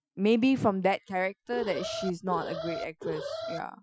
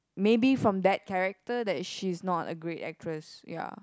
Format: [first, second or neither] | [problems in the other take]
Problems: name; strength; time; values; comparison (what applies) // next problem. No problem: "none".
second | noise reduction (classical method Wiener filter)